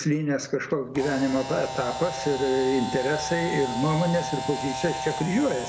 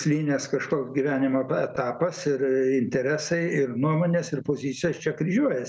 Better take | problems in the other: second | background sound (Camera); 8 dB below the speech

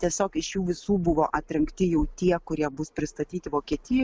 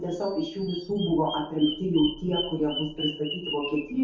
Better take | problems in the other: first | background sound (Bird vocalization, bird call, bird song); 10 dB below the speech // room echo; dies away in 0.6 s

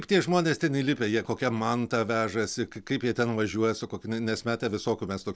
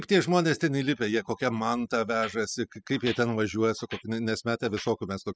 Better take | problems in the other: first | noise reduction (classical method spectral subtraction)

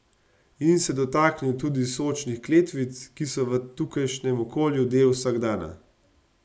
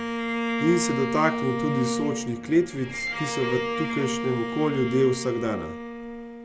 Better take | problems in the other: first | background sound (Bowed string instrument); 3 dB below the speech

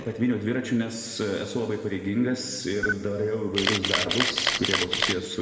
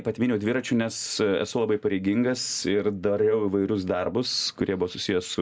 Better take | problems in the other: second | background sound (Camera); as loud as the speech // room echo; dies away in 2 s

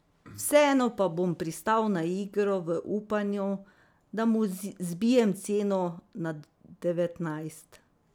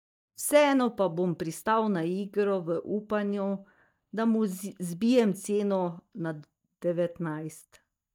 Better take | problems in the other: first | noise reduction (neural mask model DeepFilterNet 3)

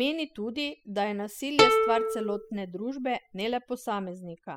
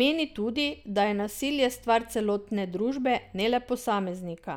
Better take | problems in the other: second | noise reduction (classical method spectral subtraction)

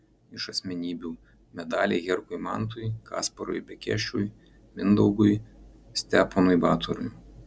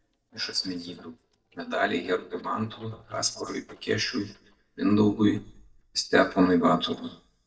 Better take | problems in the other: first | noise reduction (neural mask model DeepFilterNet 3)

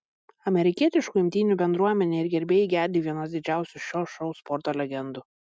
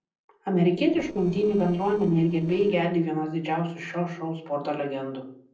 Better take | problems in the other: first | noise reduction (neural separator model SepFormer DNS4)

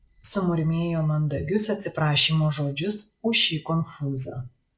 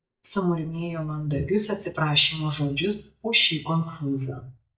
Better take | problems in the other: first | noise reduction (neural mask model DeepFilterNet 3)

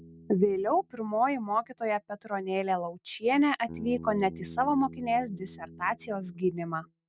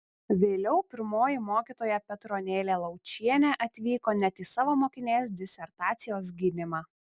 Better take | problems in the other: second | noise reduction (neural mask model RNNoise)

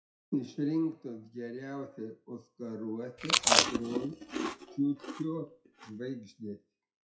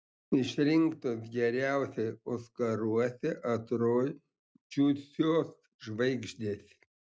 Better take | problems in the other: second | noise reduction (classical method WPE with log-MMSE)

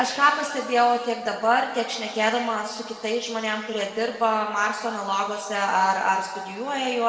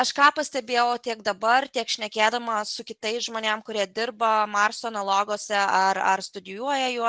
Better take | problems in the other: second | room echo; dies away in 1.9 s

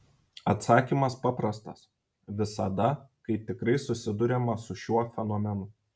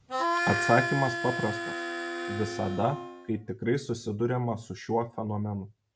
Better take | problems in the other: first | background sound (Harmonica); 2 dB below the speech

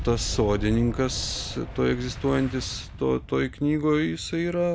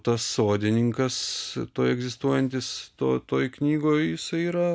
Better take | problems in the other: second | background sound (Boom); 10 dB below the speech

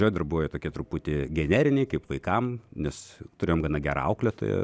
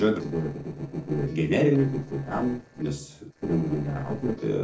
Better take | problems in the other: first | noise reduction (neural separator model SepFormer DNS4)

